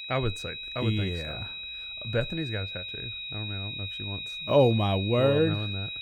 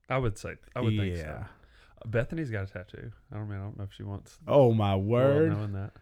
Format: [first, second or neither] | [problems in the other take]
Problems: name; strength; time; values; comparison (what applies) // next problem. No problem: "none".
second | high-pitched whine; loud; throughout; 4 kHz, 7 dB below the speech